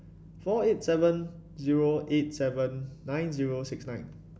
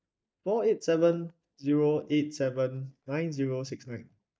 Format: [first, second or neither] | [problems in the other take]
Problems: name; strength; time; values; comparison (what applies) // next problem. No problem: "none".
first | noise reduction (neural mask model DeepFilterNet 3)